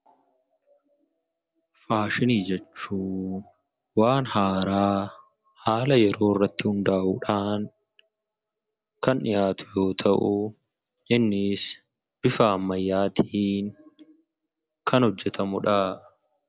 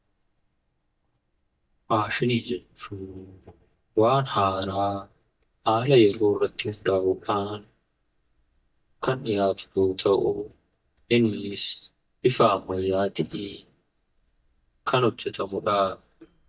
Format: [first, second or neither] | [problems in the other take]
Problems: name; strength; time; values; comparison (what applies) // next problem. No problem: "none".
first | noise reduction (neural mask model DeepFilterNet 3)